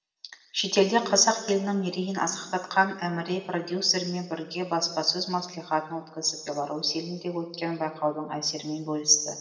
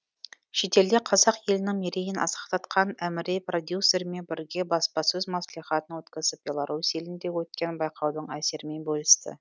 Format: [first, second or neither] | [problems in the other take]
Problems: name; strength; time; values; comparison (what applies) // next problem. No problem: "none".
second | room echo; dies away in 1.1 s